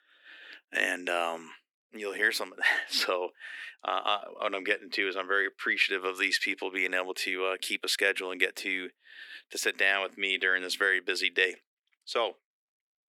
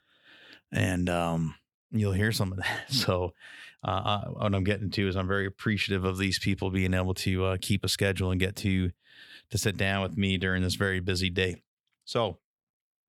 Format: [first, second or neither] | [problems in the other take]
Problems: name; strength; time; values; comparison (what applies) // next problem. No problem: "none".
second | thin; very; fading below 300 Hz